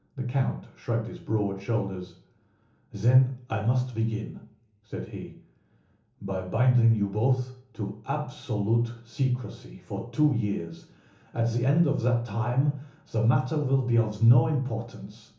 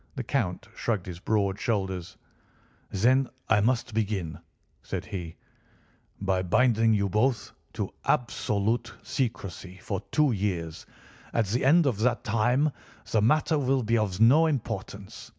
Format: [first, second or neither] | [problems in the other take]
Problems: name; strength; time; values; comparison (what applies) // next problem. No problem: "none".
second | room echo; dies away in 1.2 s